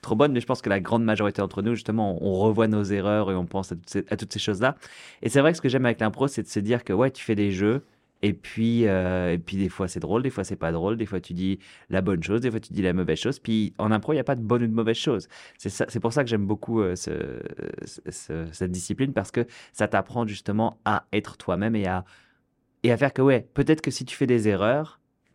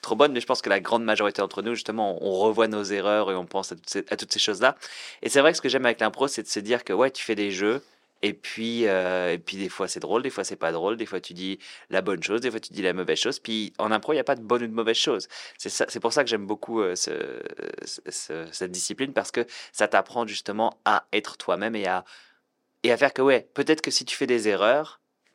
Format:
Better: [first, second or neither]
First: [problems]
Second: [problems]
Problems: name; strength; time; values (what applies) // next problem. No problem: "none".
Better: first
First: none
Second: thin; somewhat; fading below 400 Hz